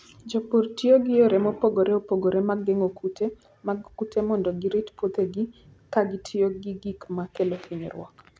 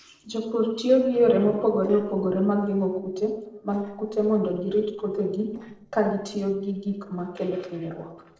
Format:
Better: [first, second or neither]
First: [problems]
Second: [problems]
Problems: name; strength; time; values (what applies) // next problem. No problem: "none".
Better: first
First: none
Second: noise reduction (neural separator model SepFormer DNS4)